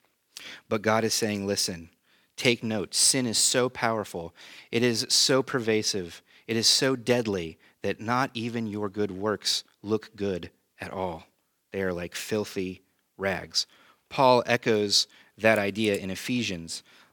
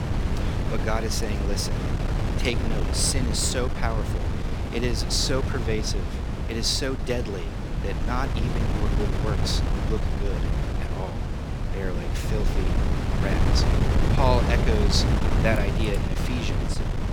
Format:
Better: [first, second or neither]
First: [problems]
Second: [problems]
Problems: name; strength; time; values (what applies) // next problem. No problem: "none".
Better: first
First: none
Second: wind noise on the microphone; heavy; 4 dB below the speech